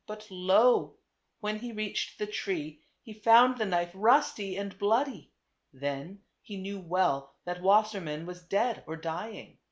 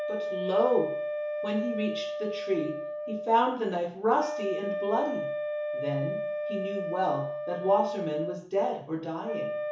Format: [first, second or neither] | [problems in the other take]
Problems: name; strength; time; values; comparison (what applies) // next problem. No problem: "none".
first | background sound (Wind instrument, woodwind instrument); 4 dB below the speech // room echo; dies away in 0.7 s